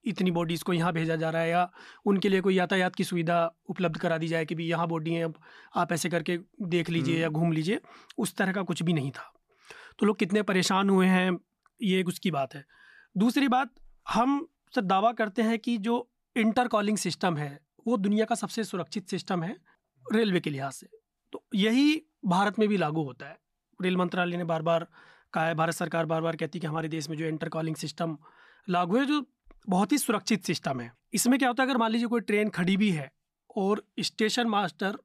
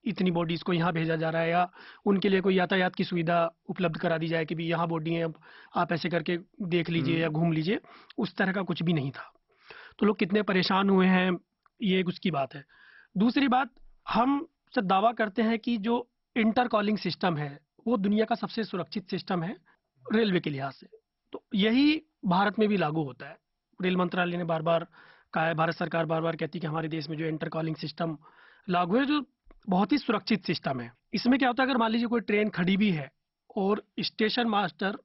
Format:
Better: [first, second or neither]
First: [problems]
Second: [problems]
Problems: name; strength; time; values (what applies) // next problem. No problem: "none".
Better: first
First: none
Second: garbled, watery; badly; nothing above 5.5 kHz